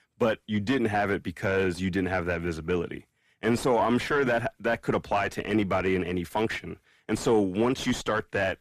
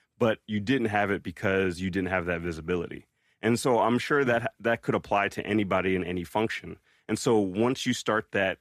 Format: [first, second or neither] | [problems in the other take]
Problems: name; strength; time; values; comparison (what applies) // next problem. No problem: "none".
second | distortion; slight; 9 dB below the speech